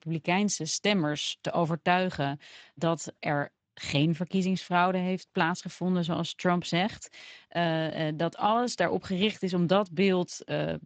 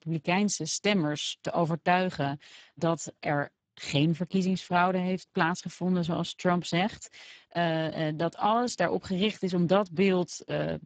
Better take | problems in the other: first | garbled, watery; badly; nothing above 7.5 kHz; slightly in the first

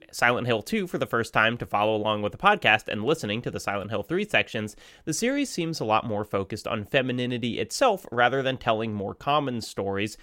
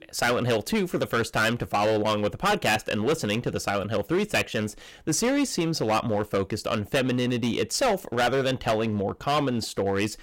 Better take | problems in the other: first | distortion; heavy; 11% of the sound clipped

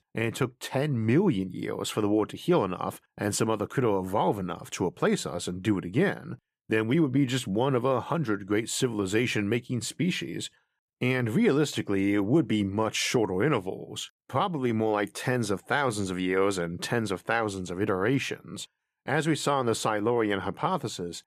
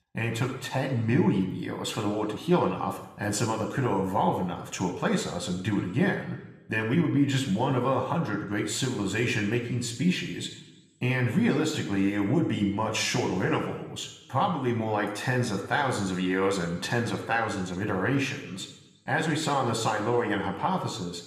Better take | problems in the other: first | room echo; slight; dies away in 0.9 s

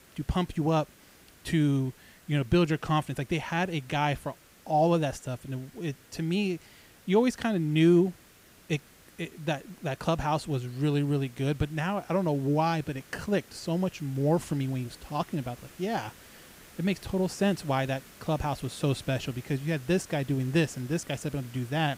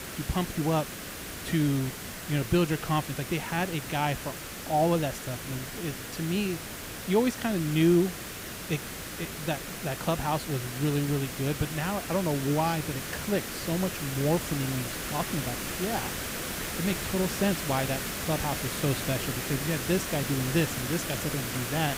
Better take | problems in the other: first | hiss; loud; throughout; 5 dB below the speech; faint in the first

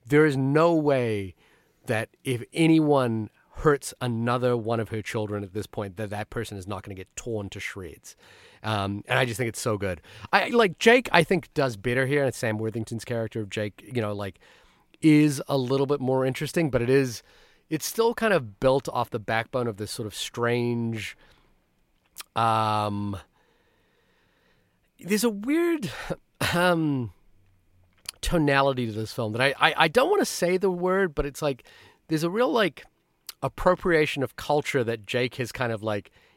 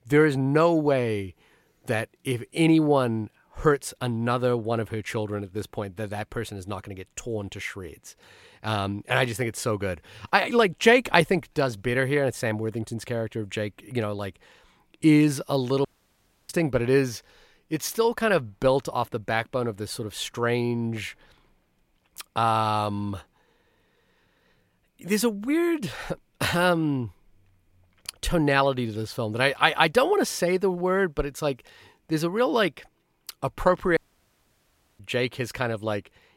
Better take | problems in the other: first | audio cutting out; at 16 s for 0.5 s and at 34 s for 1 s

